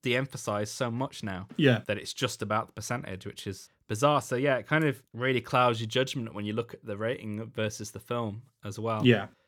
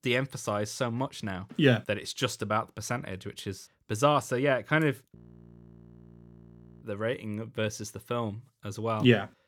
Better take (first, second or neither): first